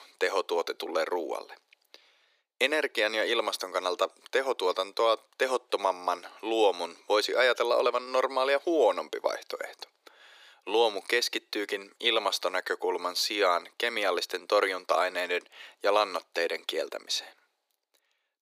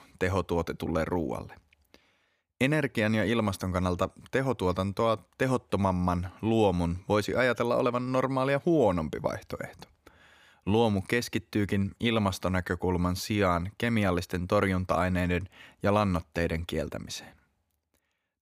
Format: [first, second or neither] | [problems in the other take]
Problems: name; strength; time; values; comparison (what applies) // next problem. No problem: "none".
second | thin; very; fading below 350 Hz